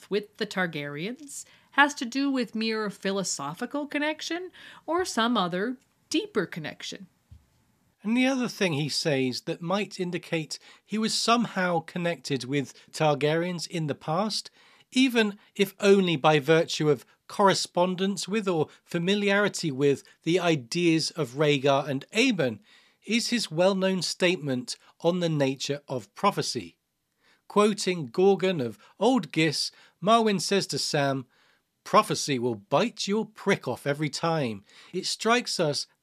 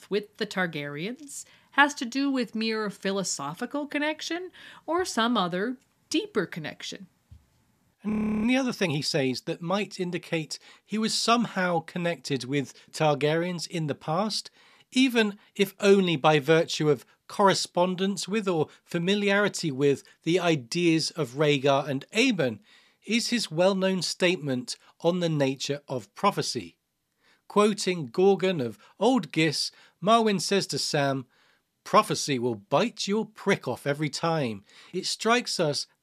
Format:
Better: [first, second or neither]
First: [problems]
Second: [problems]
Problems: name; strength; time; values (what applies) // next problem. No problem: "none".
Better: first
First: none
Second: audio freezing; at 8 s